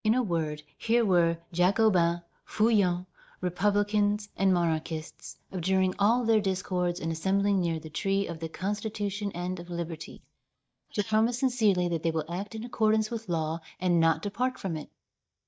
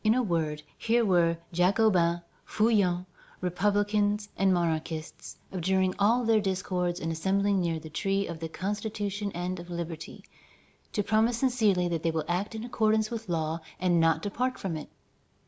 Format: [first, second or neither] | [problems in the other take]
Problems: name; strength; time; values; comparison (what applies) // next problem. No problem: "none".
second | noise reduction (neural mask model DeepFilterNet 3)